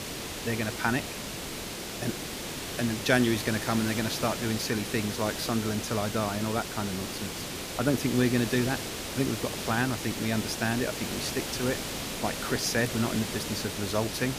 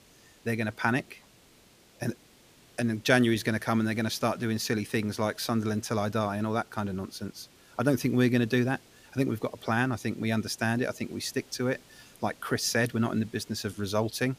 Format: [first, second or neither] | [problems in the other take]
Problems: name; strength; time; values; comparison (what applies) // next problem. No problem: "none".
second | hiss; loud; throughout; 4 dB below the speech; faint in the second